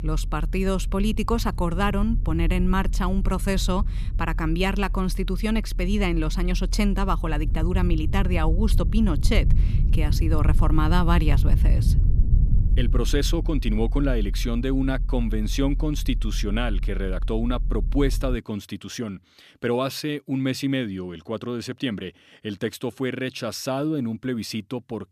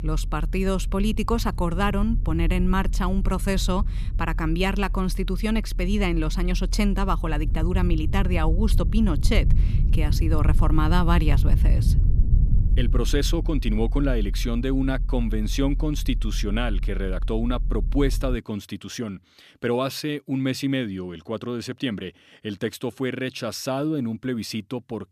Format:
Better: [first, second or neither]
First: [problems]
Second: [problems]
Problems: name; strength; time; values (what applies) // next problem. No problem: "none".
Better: neither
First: low rumble; noticeable; until 18 s; 15 dB below the speech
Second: low rumble; noticeable; until 18 s; 15 dB below the speech